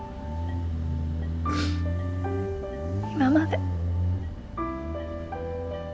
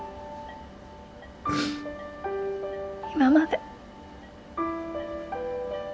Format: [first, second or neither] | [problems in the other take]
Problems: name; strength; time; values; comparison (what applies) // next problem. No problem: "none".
second | background sound (Motorcycle); 2 dB above the speech